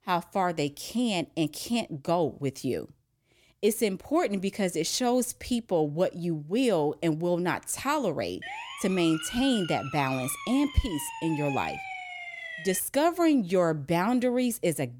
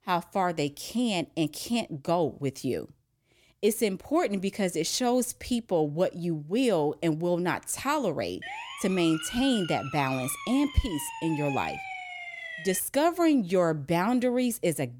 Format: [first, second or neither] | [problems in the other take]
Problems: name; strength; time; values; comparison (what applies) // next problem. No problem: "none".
neither | siren; noticeable; from 8.5 to 13 s; peak 7 dB below the speech; the same in both